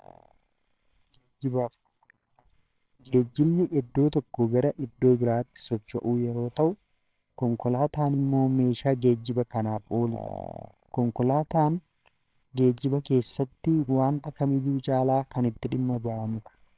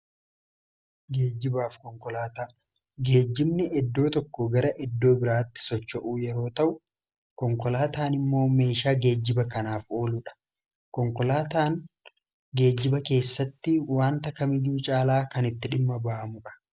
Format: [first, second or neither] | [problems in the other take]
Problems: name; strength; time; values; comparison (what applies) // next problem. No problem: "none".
second | noise reduction (neural separator model SepFormer WHAMR!)